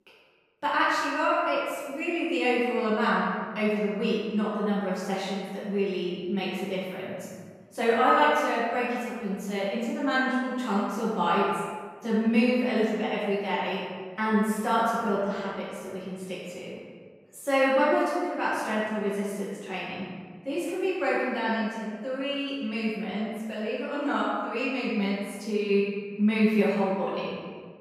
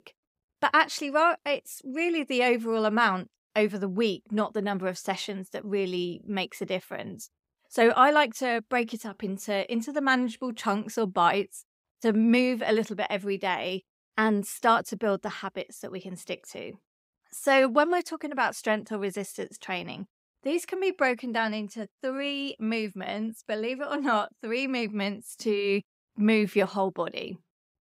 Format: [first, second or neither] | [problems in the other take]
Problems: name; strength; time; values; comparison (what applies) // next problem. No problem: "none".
second | room echo; strong; dies away in 1.5 s // off-mic speech; far